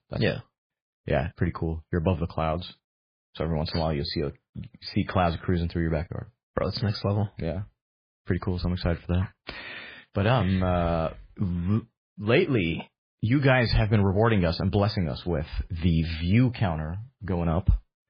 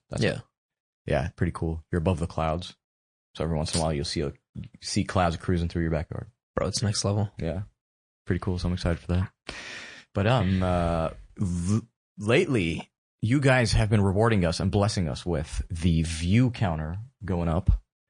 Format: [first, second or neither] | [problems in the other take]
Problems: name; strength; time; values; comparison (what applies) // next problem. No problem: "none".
second | garbled, watery; badly; nothing above 4.5 kHz; slightly in the second